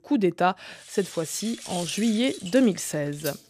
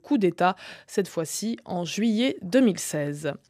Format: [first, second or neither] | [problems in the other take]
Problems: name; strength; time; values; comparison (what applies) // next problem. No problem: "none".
second | background music; noticeable; from 1 s on; 10 dB below the speech